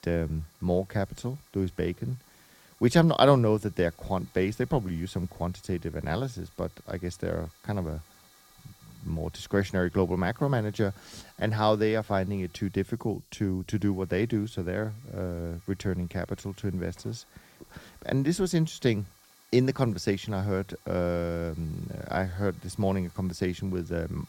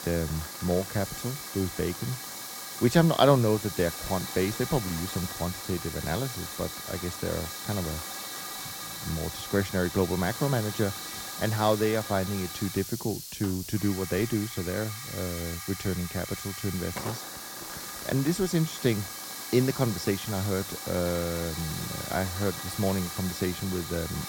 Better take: first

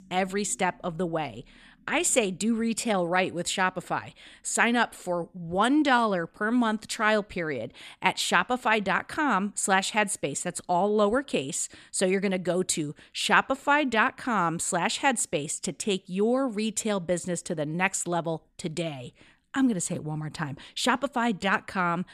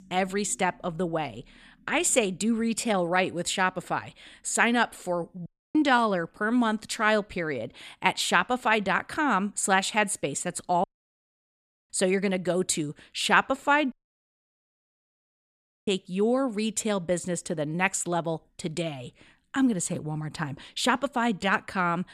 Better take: first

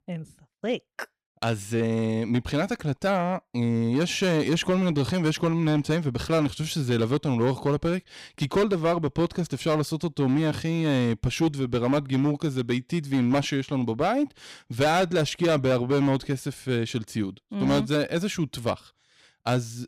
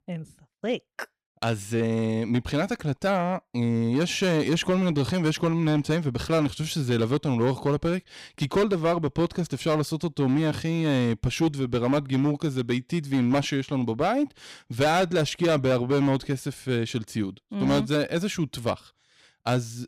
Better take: neither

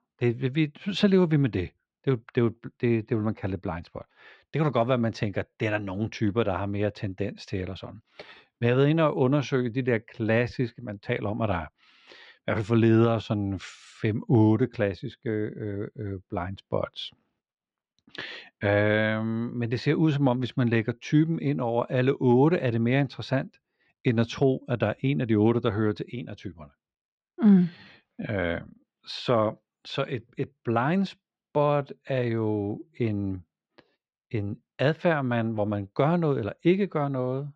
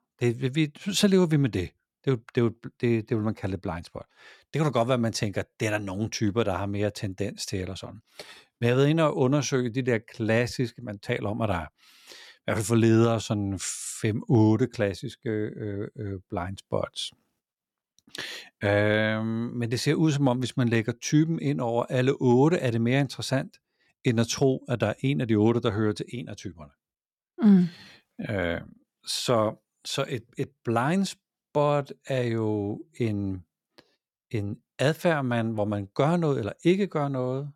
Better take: second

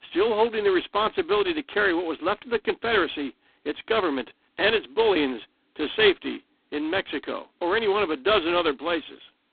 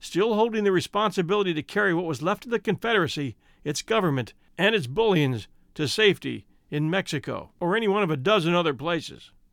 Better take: second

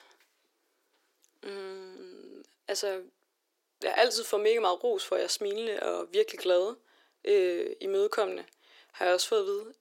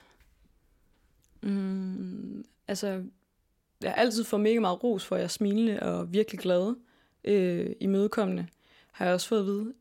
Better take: second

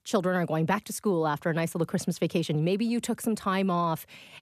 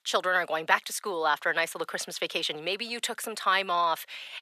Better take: first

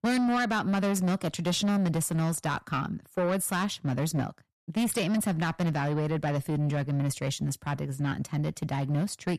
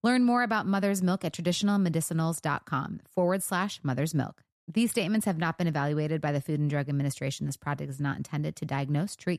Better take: second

